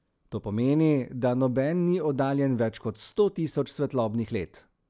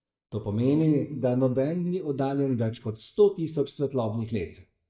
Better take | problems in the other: first | noise reduction (neural mask model DeepFilterNet 3)

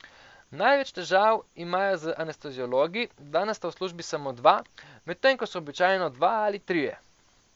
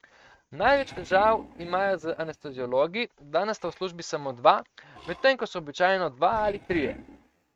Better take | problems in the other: first | noise reduction (neural mask model RNNoise)

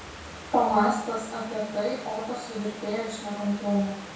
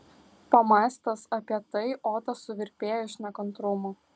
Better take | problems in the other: second | background sound (Stream / Liquid); 14 dB below the speech // room echo; dies away in 0.6 s

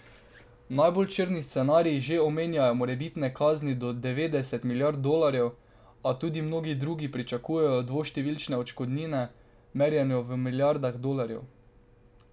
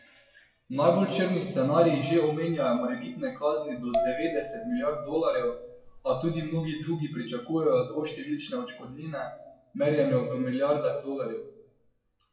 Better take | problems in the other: first | noise reduction (classical method WPE with log-MMSE)

